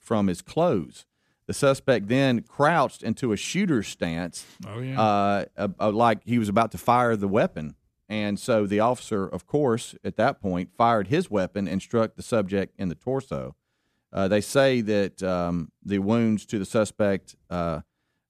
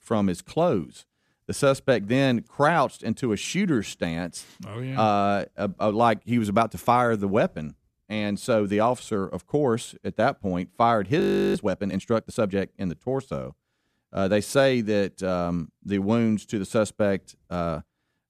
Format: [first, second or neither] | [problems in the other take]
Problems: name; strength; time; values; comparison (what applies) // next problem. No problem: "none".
first | audio freezing; at 11 s